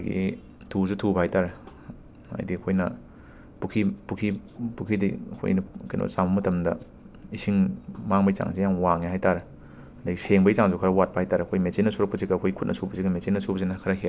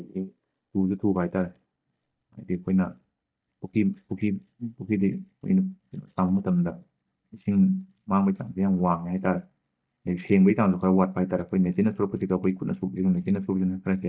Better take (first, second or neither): first